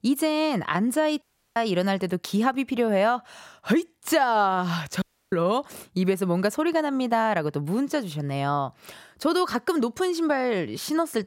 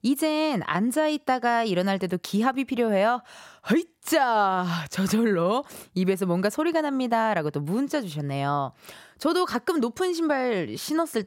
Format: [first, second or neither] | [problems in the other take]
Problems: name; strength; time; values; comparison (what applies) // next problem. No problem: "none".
second | audio cutting out; at 1 s and at 5 s